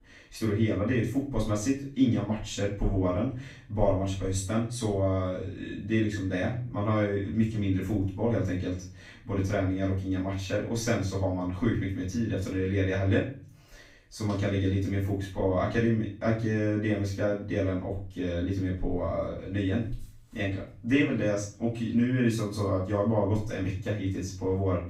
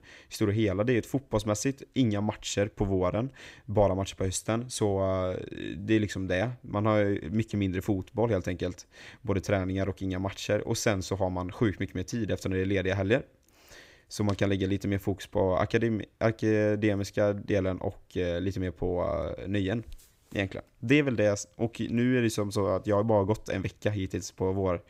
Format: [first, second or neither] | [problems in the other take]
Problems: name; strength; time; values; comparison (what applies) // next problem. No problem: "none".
second | off-mic speech; far // room echo; noticeable; dies away in 0.4 s